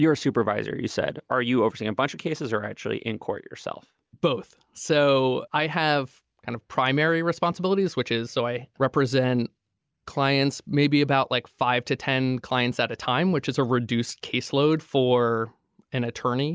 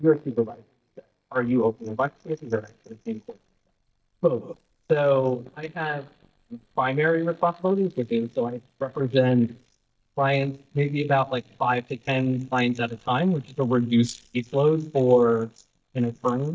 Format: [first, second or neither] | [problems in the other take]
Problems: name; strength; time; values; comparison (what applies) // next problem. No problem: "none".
first | noise reduction (neural mask model DeepFilterNet 3)